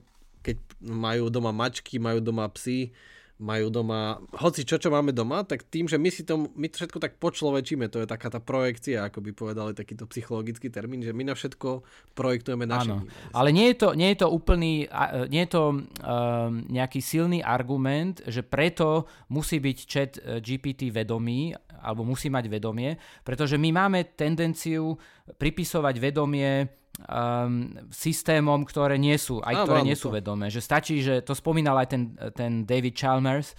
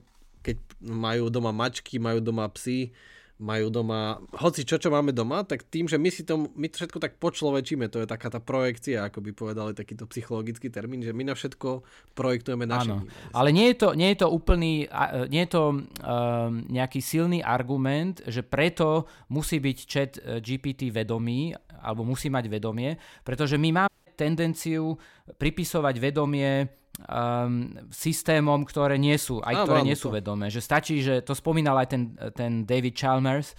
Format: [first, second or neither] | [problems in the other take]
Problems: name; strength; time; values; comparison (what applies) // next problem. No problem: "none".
first | audio cutting out; at 24 s